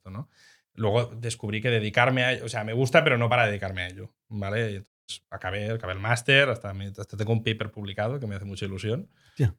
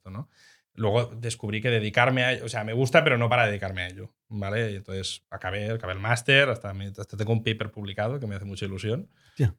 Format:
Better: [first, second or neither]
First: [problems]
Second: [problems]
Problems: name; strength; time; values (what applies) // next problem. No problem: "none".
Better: second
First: audio cutting out; at 5 s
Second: none